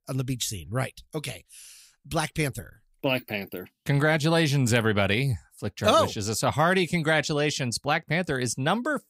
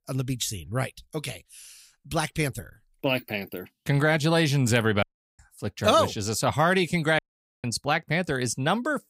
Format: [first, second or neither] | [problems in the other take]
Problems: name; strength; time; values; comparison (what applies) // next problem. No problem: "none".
first | audio cutting out; at 5 s and at 7 s